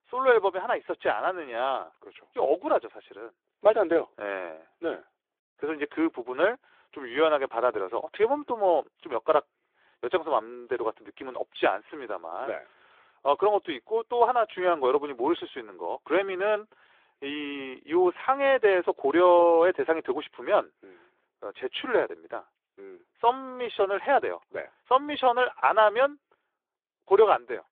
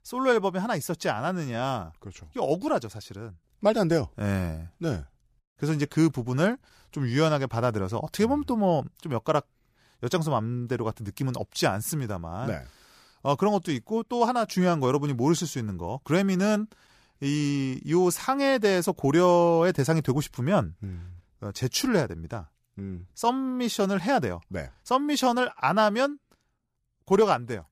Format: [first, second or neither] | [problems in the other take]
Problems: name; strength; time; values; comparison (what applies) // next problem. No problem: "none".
second | phone-call audio; nothing above 3.5 kHz